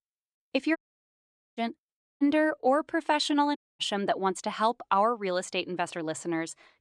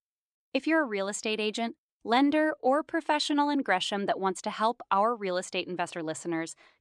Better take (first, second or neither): second